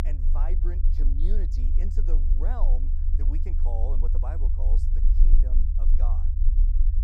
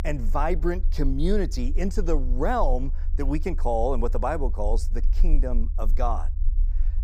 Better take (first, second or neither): second